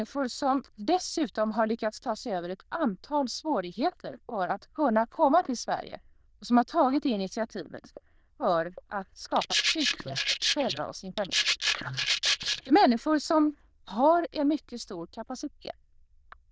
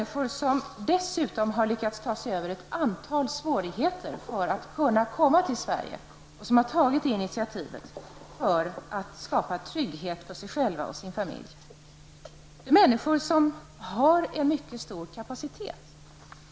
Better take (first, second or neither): second